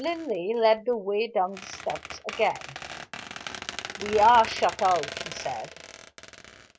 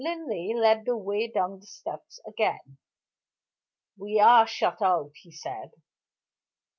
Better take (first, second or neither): second